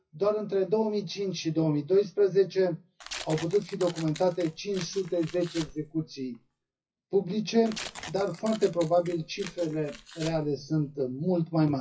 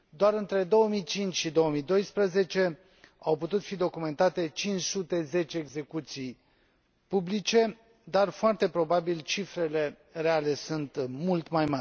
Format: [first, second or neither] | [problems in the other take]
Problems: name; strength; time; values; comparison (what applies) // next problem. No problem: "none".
second | noise reduction (classical method WPE with log-MMSE)